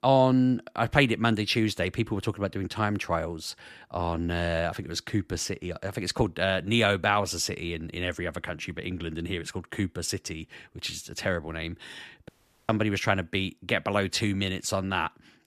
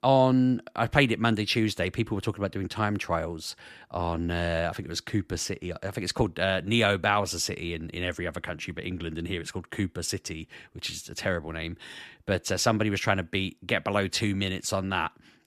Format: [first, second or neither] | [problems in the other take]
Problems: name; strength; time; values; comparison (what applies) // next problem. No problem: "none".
second | audio cutting out; at 12 s